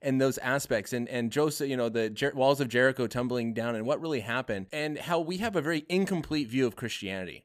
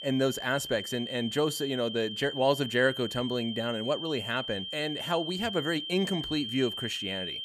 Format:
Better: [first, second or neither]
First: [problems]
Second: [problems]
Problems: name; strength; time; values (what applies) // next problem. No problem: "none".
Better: first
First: none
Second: high-pitched whine; loud; throughout; 3 kHz, 6 dB below the speech